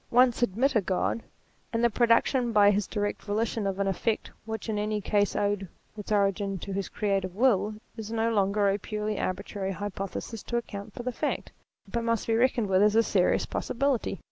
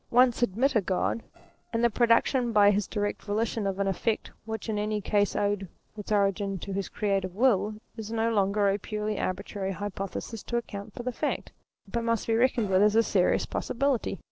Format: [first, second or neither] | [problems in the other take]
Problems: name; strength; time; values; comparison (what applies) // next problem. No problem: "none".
first | noise reduction (neural separator model SepFormer DNS4)